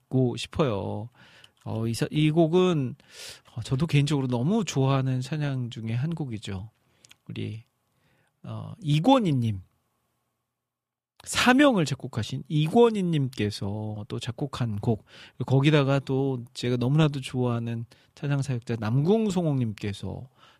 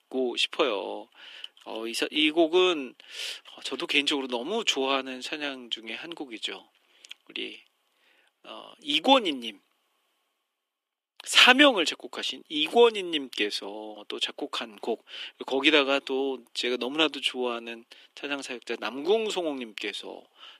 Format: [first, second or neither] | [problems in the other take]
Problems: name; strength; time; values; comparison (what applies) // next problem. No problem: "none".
first | thin; somewhat; fading below 300 Hz